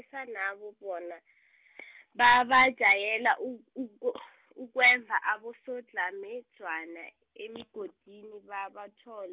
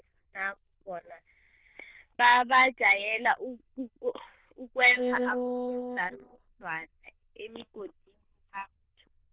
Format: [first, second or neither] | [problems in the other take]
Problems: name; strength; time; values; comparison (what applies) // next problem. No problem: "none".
first | noise reduction (neural diffusion model UNIVERSE++)